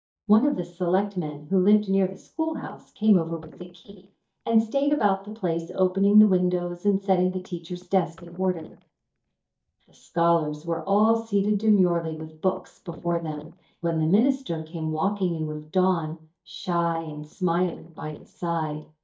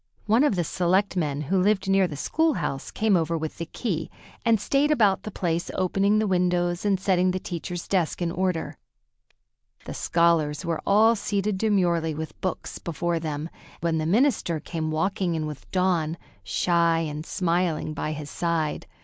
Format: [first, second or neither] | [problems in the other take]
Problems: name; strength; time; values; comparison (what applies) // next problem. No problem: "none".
second | noise reduction (neural mask model DeepFilterNet 3)